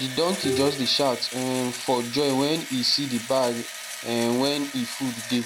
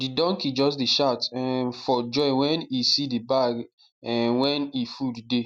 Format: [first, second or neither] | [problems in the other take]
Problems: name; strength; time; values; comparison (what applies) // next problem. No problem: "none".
second | background sound (Bowed string instrument + Engine / Drill); 9 dB below the speech